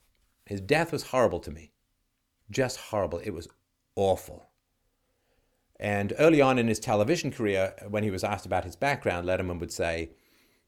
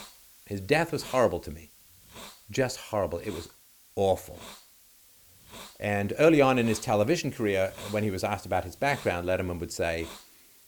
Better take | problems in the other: first | hiss; faint; throughout; 20 dB below the speech

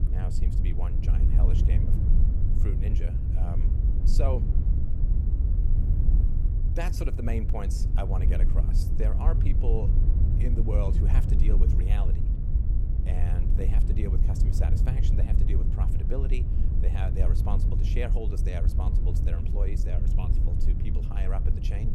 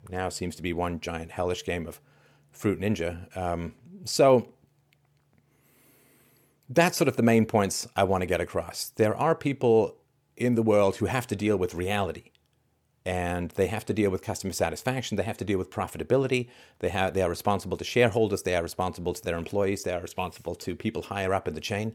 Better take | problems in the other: second | wind noise on the microphone; heavy; 2 dB below the speech

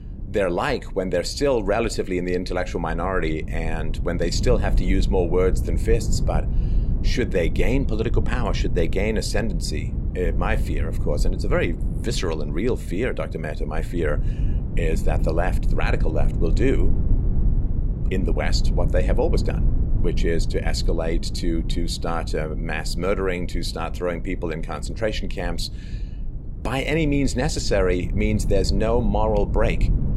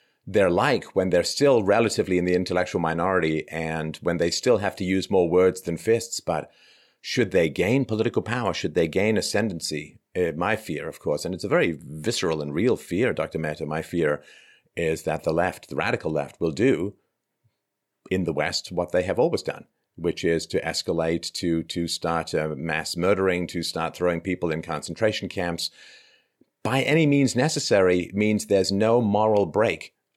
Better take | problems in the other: second | low rumble; noticeable; throughout; 15 dB below the speech

